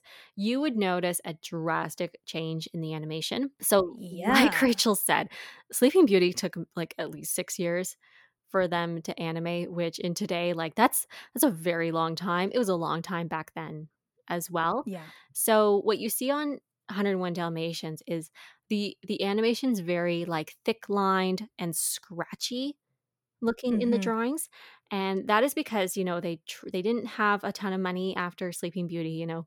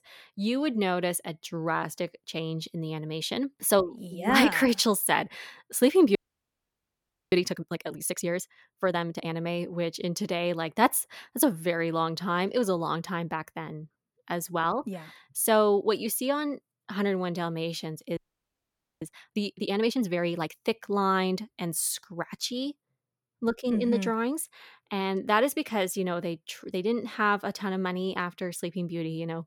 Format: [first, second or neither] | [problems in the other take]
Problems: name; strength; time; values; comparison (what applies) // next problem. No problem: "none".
first | audio freezing; at 6 s for 1 s and at 18 s for 1 s